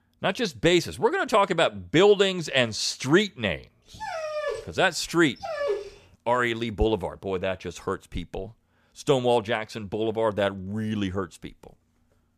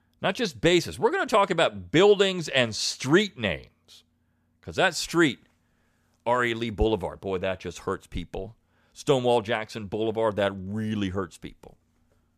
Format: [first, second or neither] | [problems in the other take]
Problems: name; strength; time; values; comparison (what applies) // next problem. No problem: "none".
second | dog barking; noticeable; from 4 to 6 s; peak 4 dB below the speech